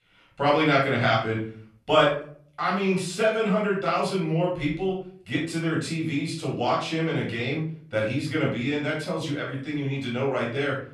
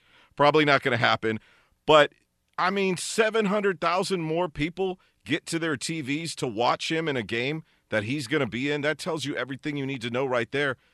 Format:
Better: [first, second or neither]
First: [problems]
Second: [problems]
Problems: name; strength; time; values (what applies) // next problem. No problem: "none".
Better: second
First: off-mic speech; far // room echo; noticeable; dies away in 0.5 s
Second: none